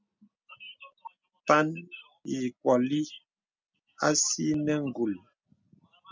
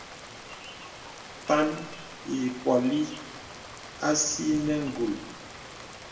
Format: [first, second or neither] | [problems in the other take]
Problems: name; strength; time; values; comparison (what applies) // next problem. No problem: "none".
first | background sound (Rain); 13 dB below the speech // room echo; dies away in 0.8 s